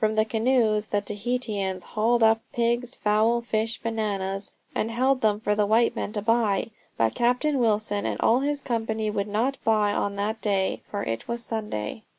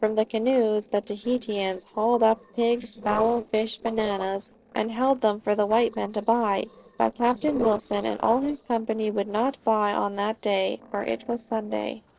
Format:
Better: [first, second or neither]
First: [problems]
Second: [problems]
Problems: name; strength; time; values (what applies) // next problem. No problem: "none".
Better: first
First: none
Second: noise reduction (neural separator model SepFormer DNS4)